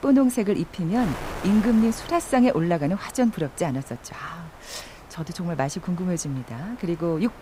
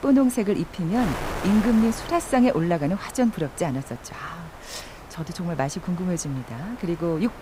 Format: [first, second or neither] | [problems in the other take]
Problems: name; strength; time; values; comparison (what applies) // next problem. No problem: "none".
first | wind noise on the microphone; heavy; 9 dB below the speech; occasional gusts in the first